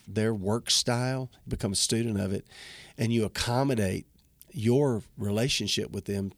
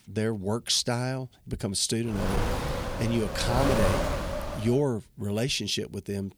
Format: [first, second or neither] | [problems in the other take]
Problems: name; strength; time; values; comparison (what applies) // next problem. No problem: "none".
first | wind noise on the microphone; heavy; from 2 to 4.5 s; 1 dB below the speech